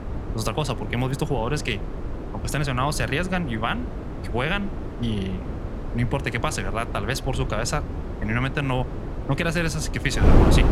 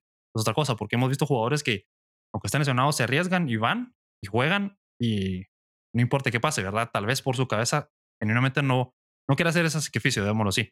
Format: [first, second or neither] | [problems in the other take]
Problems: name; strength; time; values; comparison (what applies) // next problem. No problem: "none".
second | wind noise on the microphone; heavy; 8 dB below the speech